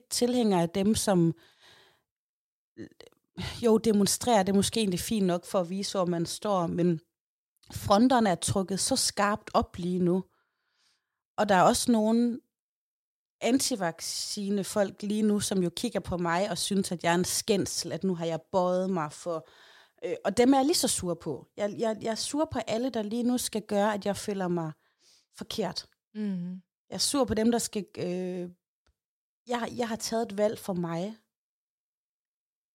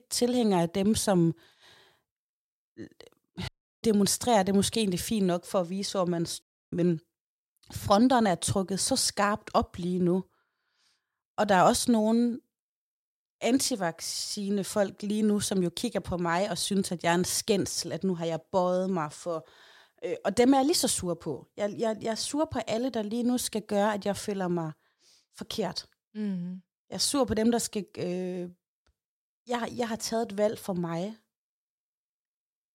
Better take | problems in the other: first | audio cutting out; at 3.5 s and at 6.5 s

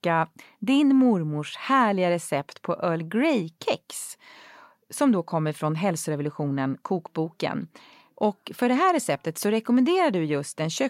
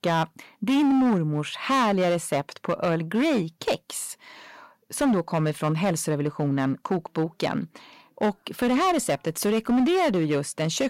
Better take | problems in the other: first | distortion; slight; 12% of the sound clipped

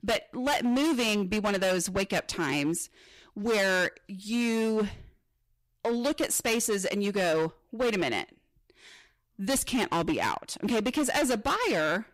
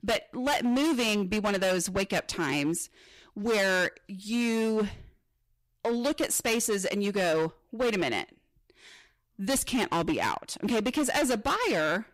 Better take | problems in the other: neither | distortion; heavy; 15% of the sound clipped; the same in both

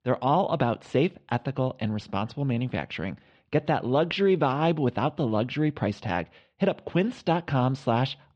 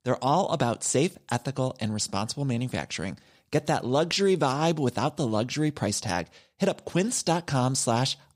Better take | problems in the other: second | muffled; very; fading above 3 kHz

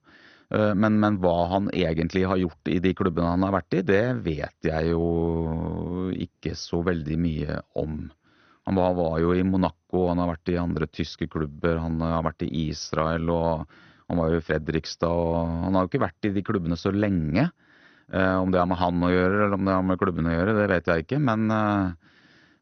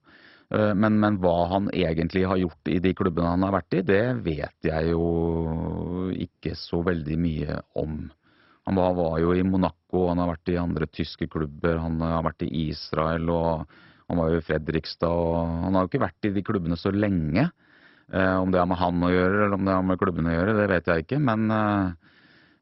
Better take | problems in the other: first | garbled, watery; badly; nothing above 5.5 kHz; slightly in the first

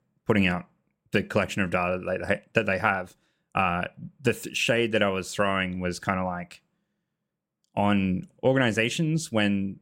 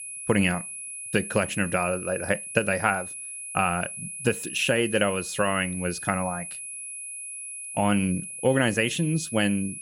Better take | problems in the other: first | high-pitched whine; loud; throughout; 10.5 kHz, 8 dB below the speech

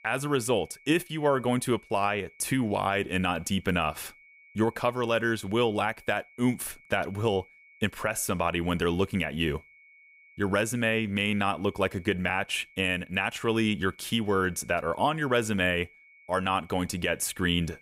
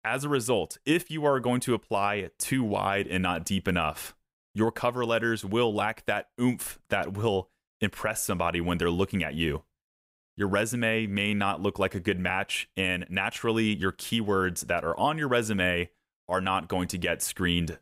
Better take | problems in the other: second | high-pitched whine; faint; throughout; 2 kHz, 25 dB below the speech

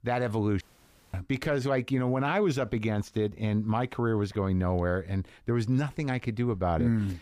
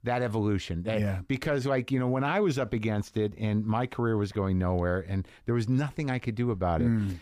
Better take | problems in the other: second | audio cutting out; at 0.5 s for 0.5 s

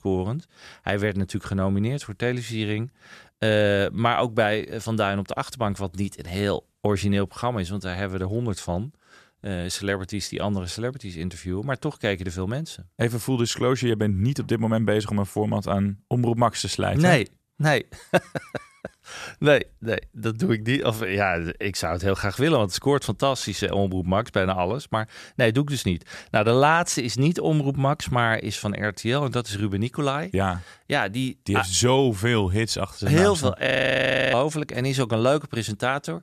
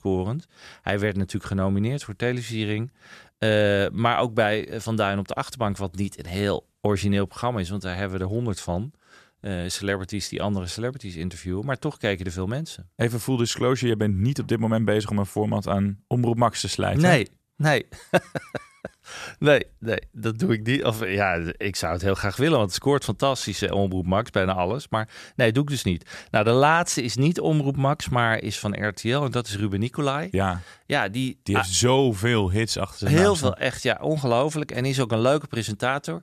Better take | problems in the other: second | audio freezing; at 34 s for 0.5 s

